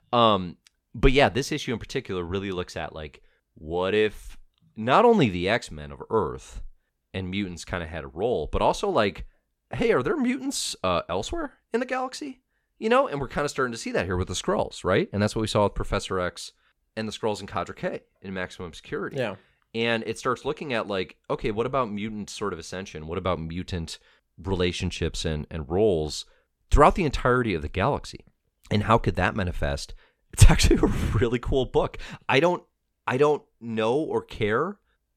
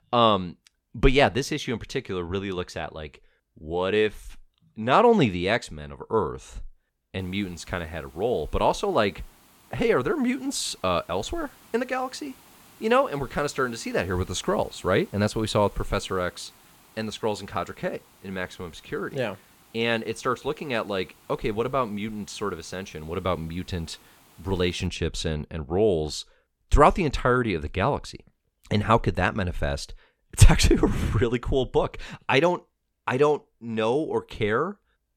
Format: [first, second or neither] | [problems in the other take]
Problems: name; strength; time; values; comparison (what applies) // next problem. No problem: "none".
first | hiss; faint; from 7 to 25 s; 25 dB below the speech